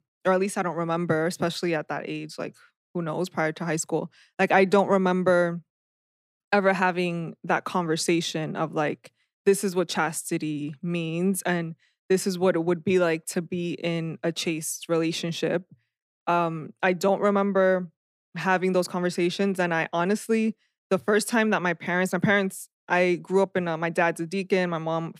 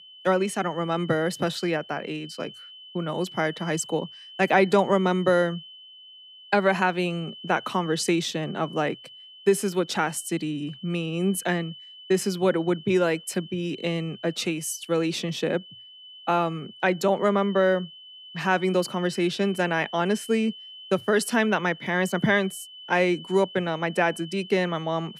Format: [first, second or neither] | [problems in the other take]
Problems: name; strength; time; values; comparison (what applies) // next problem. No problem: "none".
first | high-pitched whine; noticeable; throughout; 3 kHz, 15 dB below the speech